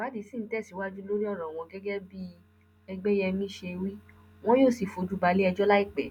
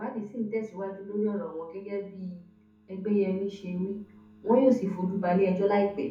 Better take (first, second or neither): first